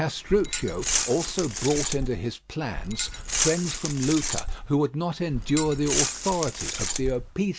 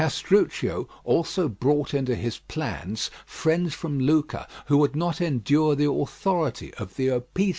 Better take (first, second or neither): second